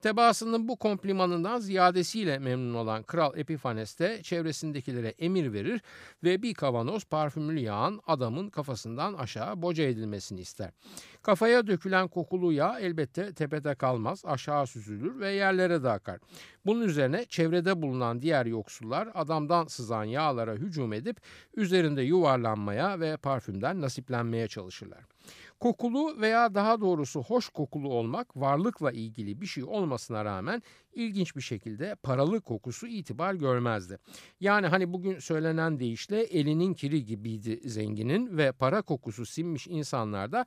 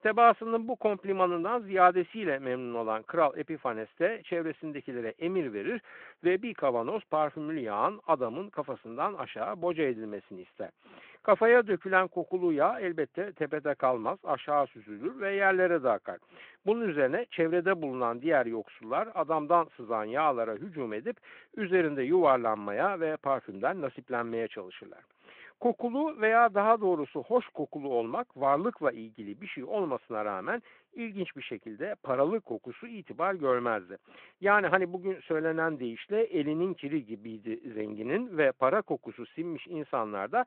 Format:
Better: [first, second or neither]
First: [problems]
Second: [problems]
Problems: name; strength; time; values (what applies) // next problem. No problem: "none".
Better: first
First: none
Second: phone-call audio